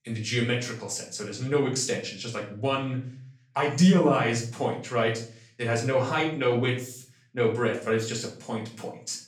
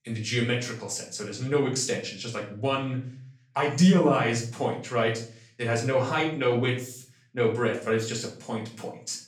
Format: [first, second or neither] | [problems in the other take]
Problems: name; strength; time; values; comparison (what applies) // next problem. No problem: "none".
neither | off-mic speech; far; the same in both // room echo; slight; dies away in 0.4 s; the same in both